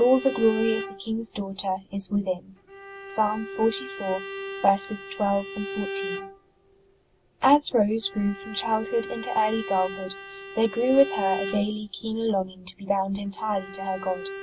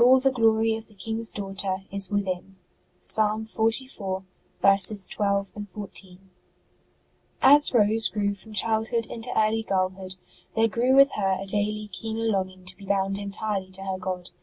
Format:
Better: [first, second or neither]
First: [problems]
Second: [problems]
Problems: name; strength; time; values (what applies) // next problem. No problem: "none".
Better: second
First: background sound (Bowed string instrument); 11 dB below the speech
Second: none